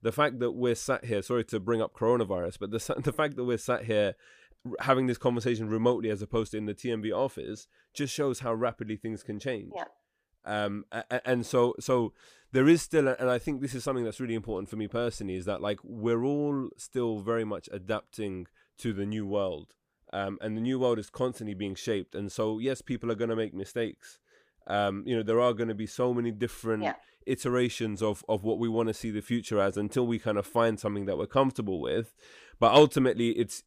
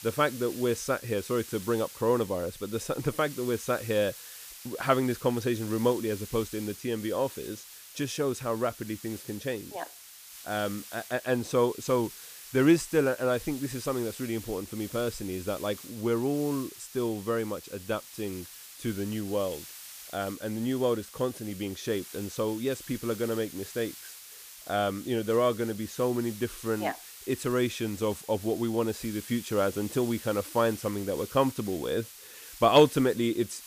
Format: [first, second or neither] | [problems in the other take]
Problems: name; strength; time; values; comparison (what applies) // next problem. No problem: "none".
first | hiss; noticeable; throughout; 15 dB below the speech